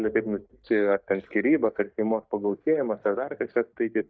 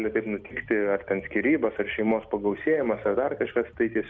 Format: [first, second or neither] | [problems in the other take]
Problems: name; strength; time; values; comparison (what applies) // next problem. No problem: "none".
second | noise reduction (neural mask model DeepFilterNet 3)